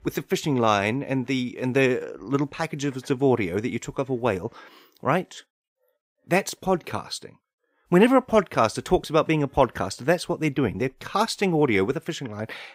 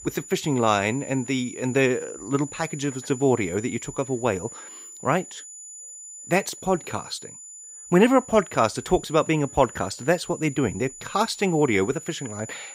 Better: first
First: none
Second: high-pitched whine; noticeable; throughout; 7 kHz, 15 dB below the speech

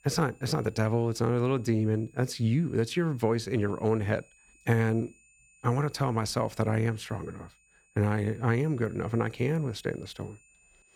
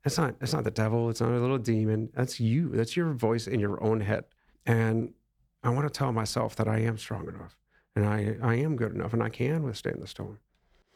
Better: second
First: high-pitched whine; faint; throughout; 2.5 kHz, 30 dB below the speech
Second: none

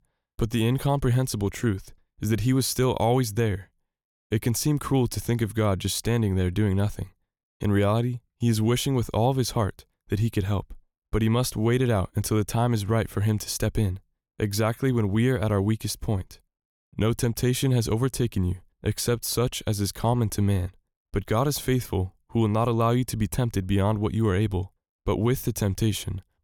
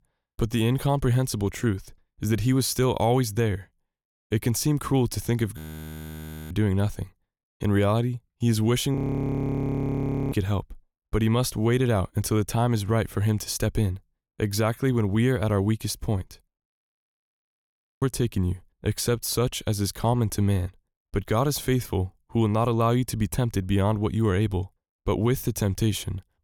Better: first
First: none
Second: audio freezing; at 5.5 s for 1 s, at 9 s for 1.5 s and at 17 s for 1.5 s

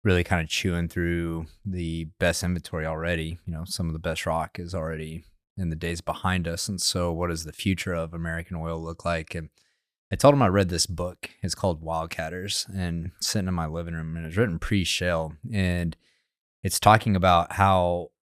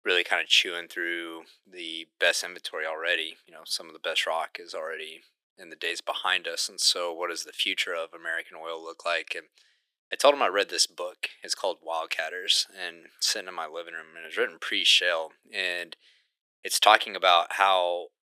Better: first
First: none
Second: thin; very; fading below 350 Hz

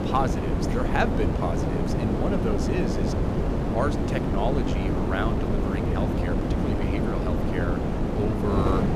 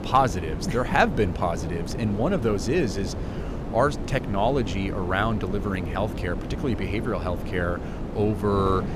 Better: second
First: wind noise on the microphone; heavy; 1 dB above the speech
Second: wind noise on the microphone; occasional gusts; 10 dB below the speech

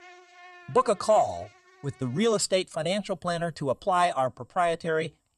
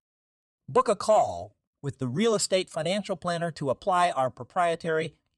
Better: second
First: animal sounds; faint; throughout; 25 dB below the speech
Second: none

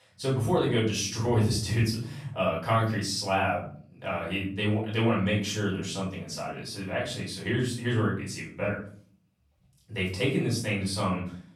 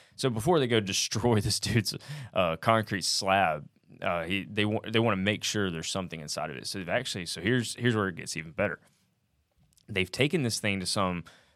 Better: second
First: off-mic speech; far // room echo; noticeable; dies away in 0.5 s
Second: none

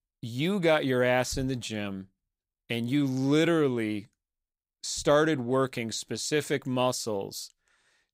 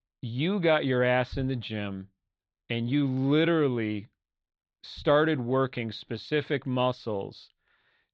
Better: first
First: none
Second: muffled; slightly; fading above 3.5 kHz

